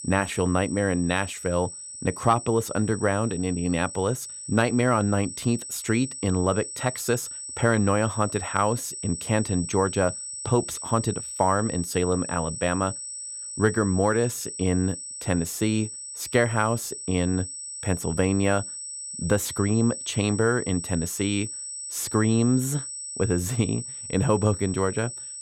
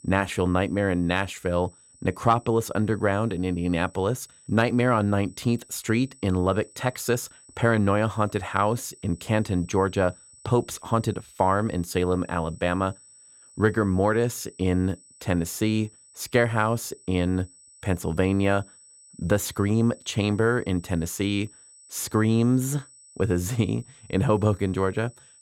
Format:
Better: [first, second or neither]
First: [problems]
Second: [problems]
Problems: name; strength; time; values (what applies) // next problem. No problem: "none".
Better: second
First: high-pitched whine; loud; throughout; 8 kHz, 8 dB below the speech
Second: high-pitched whine; faint; throughout; 8 kHz, 25 dB below the speech